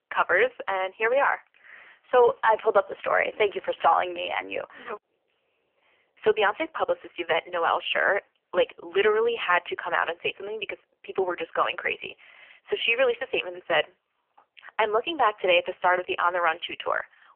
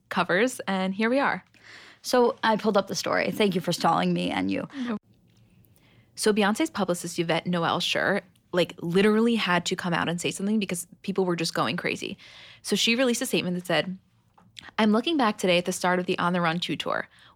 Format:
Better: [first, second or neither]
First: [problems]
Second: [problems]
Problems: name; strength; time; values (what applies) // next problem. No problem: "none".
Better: second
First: phone-call audio; poor line; nothing above 3 kHz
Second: none